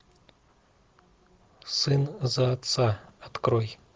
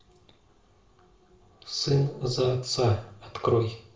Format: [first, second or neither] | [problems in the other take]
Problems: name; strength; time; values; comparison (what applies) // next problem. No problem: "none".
first | room echo; dies away in 0.4 s